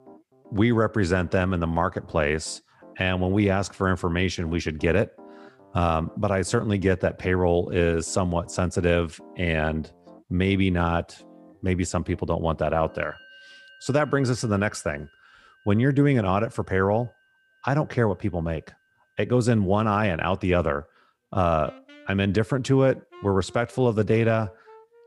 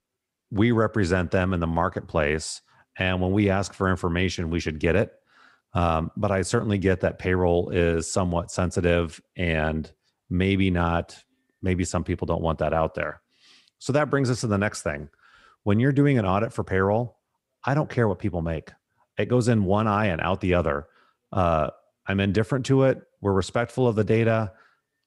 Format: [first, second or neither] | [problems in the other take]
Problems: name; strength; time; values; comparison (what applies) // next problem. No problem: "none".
second | background music; faint; throughout; 25 dB below the speech